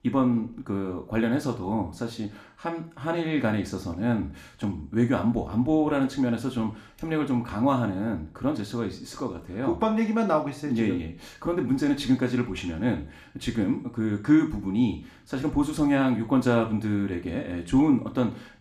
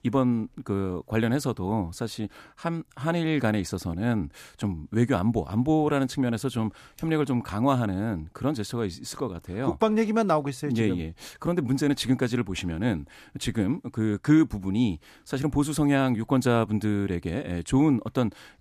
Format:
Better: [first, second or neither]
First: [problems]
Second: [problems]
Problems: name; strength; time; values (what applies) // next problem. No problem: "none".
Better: second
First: room echo; very slight; dies away in 0.5 s // off-mic speech; somewhat distant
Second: none